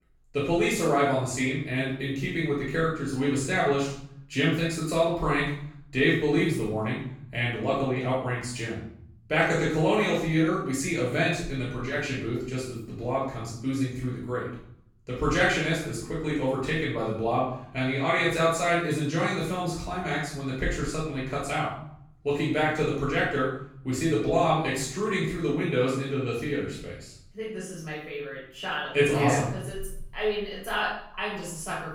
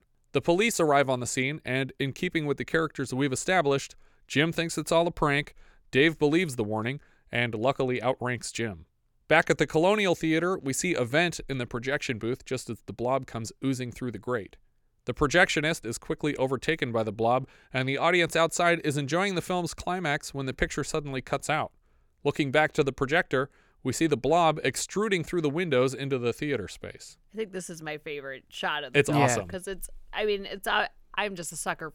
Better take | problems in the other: second | off-mic speech; far // room echo; noticeable; dies away in 0.7 s

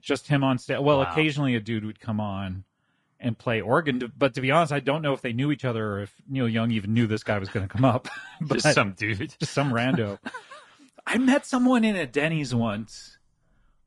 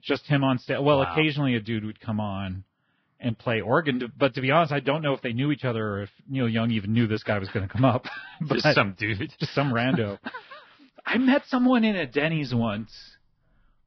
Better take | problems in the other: first | garbled, watery; badly; nothing above 5.5 kHz; slightly in the first

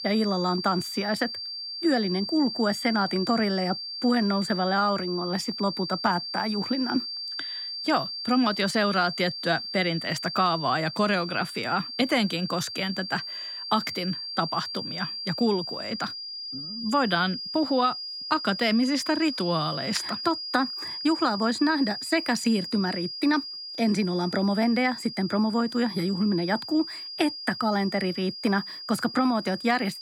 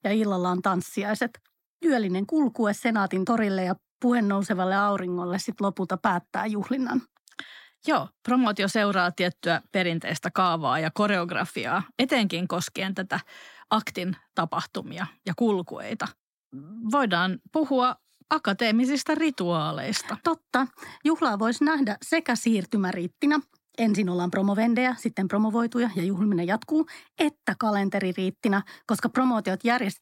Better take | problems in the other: second | high-pitched whine; loud; throughout; 4.5 kHz, 6 dB below the speech

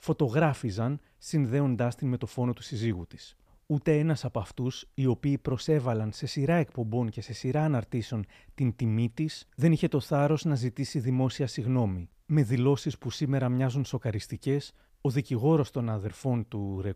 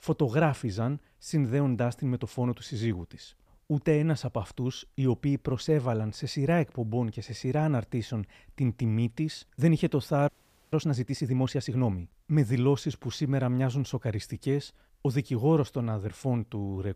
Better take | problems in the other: first | audio freezing; at 10 s

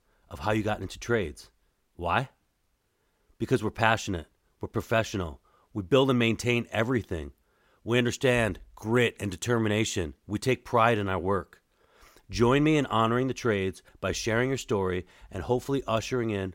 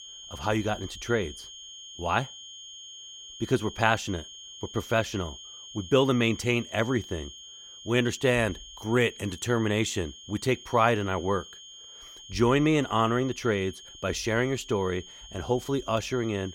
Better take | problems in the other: first | high-pitched whine; noticeable; throughout; 3 kHz, 15 dB below the speech

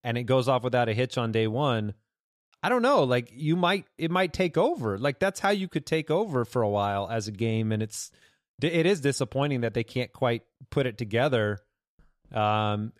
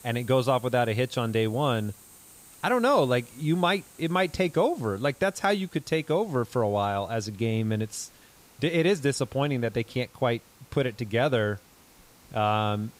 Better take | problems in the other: first | hiss; faint; throughout; 25 dB below the speech

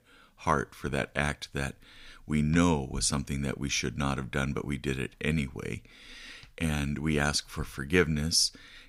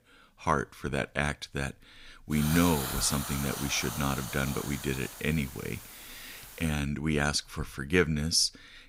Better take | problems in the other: first | hiss; loud; from 2.5 to 6.5 s; 8 dB below the speech

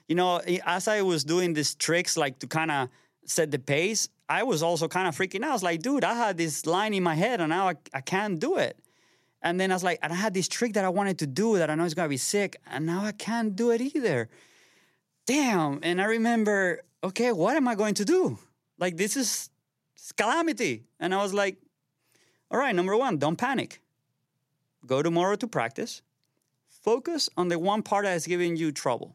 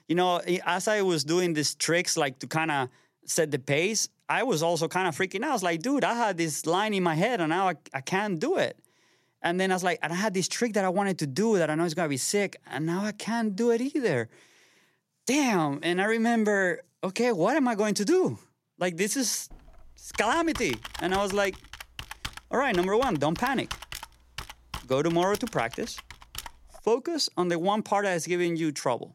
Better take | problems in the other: first | keyboard typing; faint; from 20 to 27 s; peak 10 dB below the speech

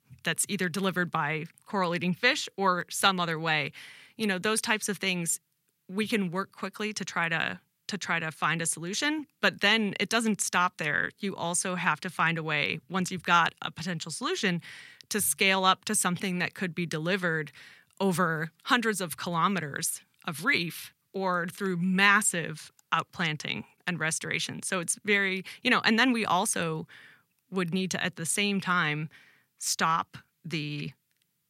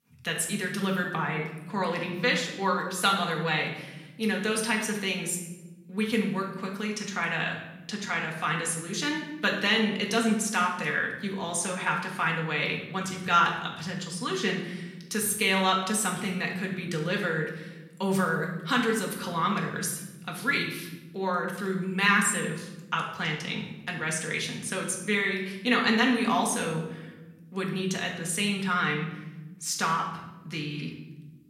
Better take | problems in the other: first | room echo; noticeable; dies away in 0.9 s // off-mic speech; far

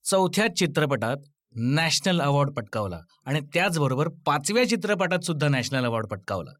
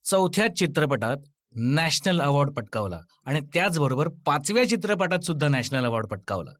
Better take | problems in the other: first | garbled, watery; slightly; nothing above 18.5 kHz

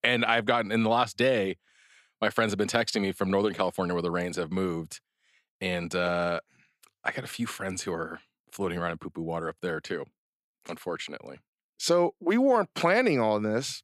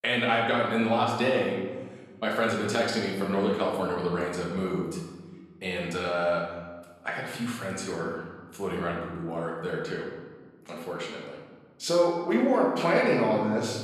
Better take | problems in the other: first | room echo; noticeable; dies away in 1.2 s // off-mic speech; far

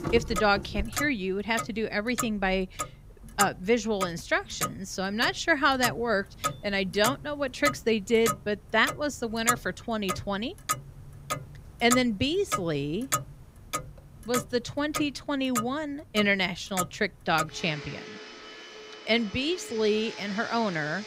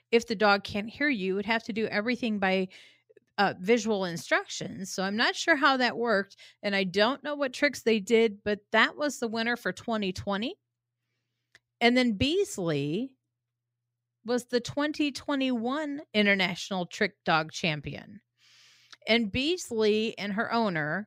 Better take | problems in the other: second | household noises; loud; throughout; 7 dB below the speech

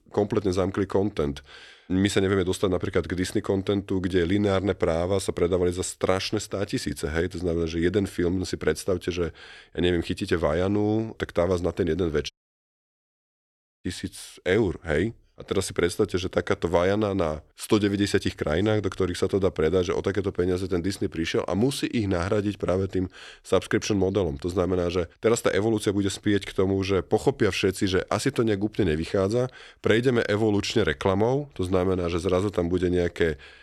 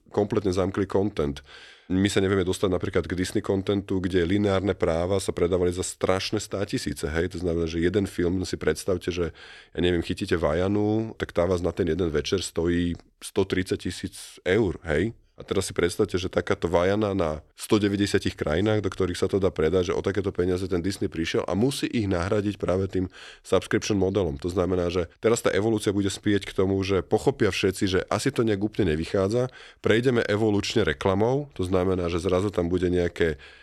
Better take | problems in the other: second | audio cutting out; at 12 s for 1.5 s

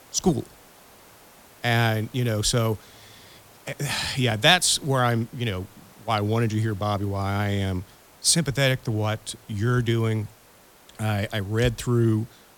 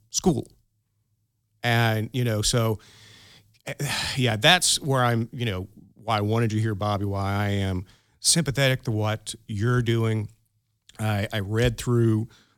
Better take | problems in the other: second | hiss; faint; throughout; 25 dB below the speech

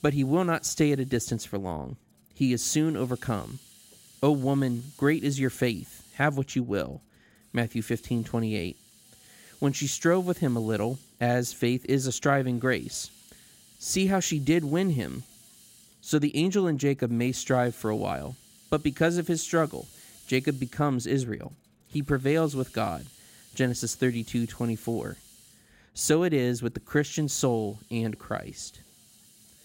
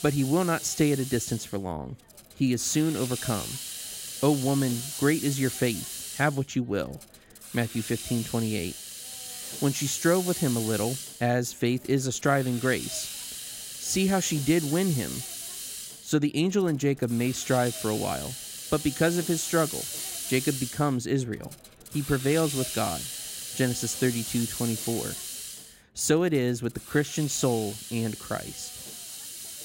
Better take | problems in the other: first | hiss; loud; throughout; 7 dB below the speech; faint in the first

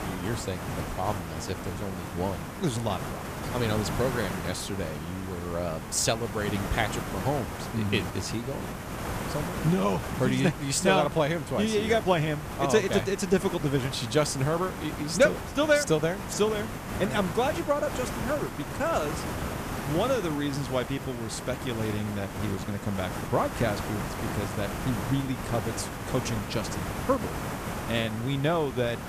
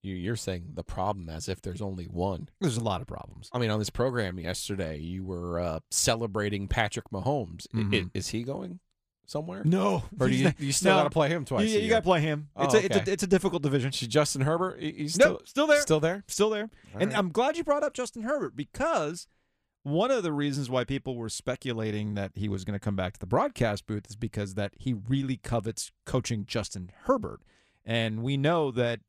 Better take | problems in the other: second | hiss; loud; throughout; 6 dB below the speech

